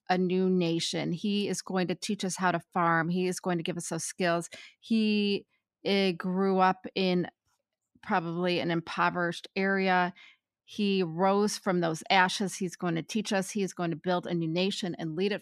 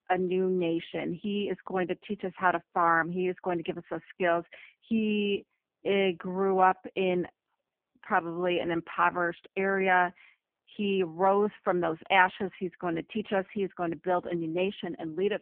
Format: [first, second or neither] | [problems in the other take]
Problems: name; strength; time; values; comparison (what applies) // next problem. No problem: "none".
first | phone-call audio; poor line; nothing above 3 kHz